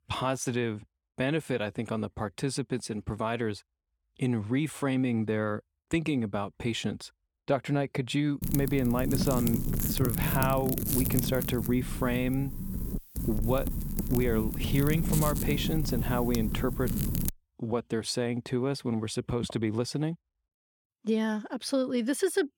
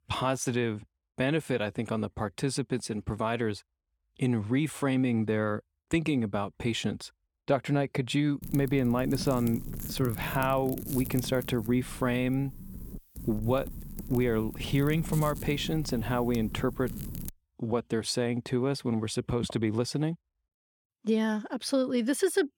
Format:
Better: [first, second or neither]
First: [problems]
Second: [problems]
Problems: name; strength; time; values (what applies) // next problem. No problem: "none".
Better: second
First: wind noise on the microphone; heavy; from 8.5 to 17 s; 7 dB below the speech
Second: wind noise on the microphone; occasional gusts; from 8.5 to 17 s; 15 dB below the speech